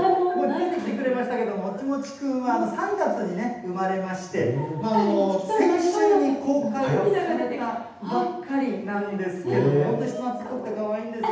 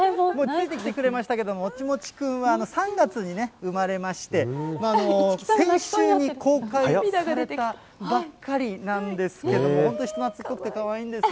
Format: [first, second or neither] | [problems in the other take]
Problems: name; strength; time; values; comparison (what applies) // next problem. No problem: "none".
second | room echo; dies away in 0.8 s